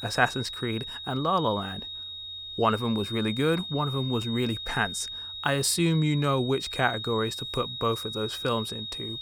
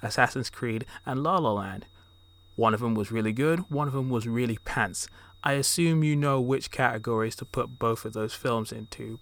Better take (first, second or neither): second